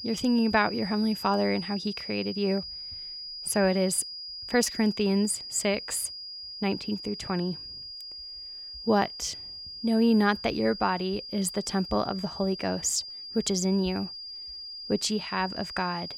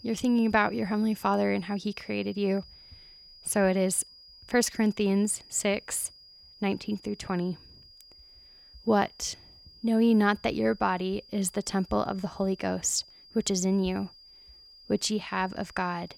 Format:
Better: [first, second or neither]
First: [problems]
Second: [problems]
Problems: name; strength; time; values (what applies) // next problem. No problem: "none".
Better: second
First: high-pitched whine; loud; throughout; 5 kHz, 9 dB below the speech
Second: high-pitched whine; faint; throughout; 5 kHz, 20 dB below the speech